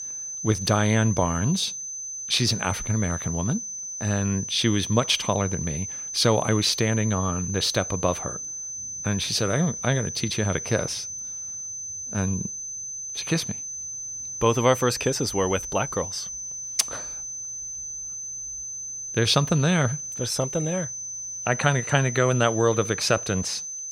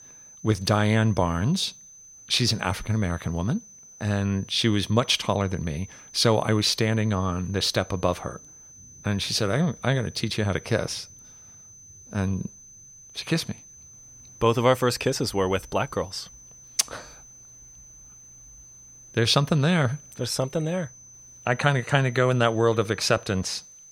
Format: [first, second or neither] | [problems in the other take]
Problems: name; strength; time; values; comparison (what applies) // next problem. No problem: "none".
second | high-pitched whine; loud; throughout; 6 kHz, 6 dB below the speech; faint in the second